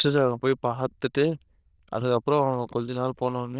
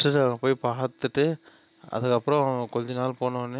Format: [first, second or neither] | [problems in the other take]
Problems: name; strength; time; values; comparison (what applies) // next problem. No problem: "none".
second | noise reduction (neural diffusion model UNIVERSE++)